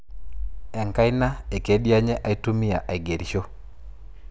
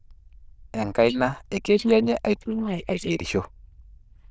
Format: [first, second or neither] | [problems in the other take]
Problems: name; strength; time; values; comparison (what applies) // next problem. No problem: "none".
first | noise reduction (neural diffusion model UNIVERSE++)